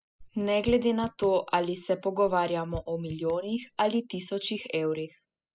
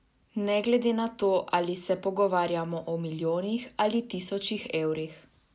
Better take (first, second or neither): second